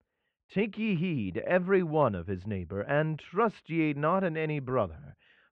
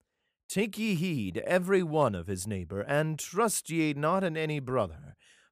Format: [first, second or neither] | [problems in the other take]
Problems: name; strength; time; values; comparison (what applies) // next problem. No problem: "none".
second | muffled; very; fading above 3 kHz